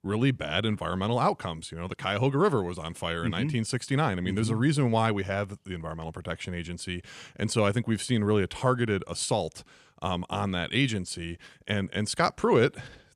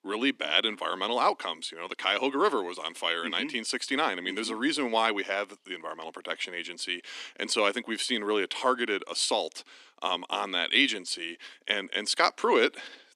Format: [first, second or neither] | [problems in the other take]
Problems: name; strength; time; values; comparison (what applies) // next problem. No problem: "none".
first | thin; somewhat; fading below 250 Hz